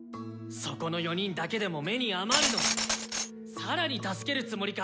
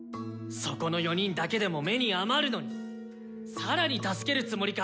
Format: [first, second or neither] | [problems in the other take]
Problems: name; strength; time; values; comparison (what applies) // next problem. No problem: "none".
second | background sound (Glass); 1 dB above the speech